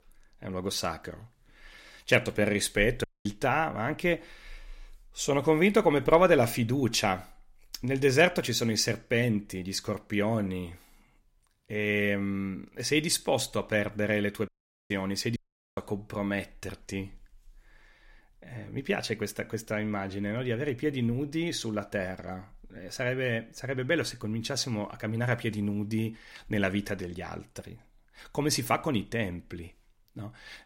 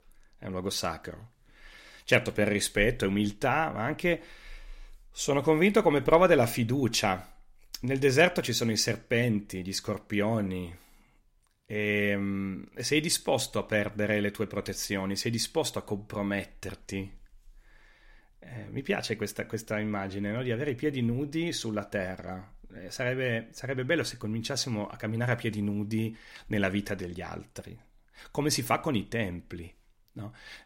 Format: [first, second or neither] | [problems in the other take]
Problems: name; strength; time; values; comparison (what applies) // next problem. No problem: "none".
second | audio cutting out; at 3 s, at 14 s and at 15 s